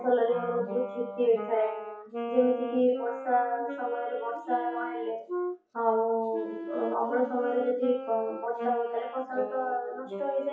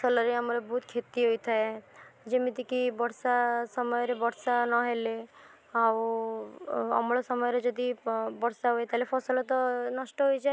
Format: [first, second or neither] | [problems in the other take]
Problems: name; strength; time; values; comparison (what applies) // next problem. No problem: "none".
second | noise reduction (classical method WPE with log-MMSE)